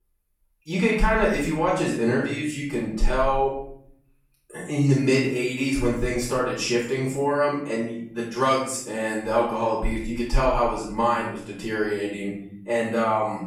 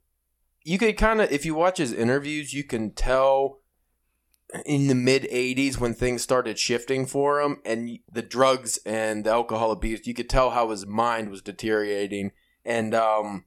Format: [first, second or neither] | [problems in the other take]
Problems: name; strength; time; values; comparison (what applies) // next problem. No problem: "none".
second | off-mic speech; far // room echo; noticeable; dies away in 0.7 s